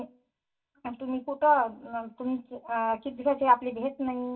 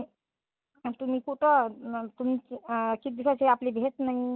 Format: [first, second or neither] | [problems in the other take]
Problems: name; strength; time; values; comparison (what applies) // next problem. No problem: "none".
second | room echo; dies away in 0.2 s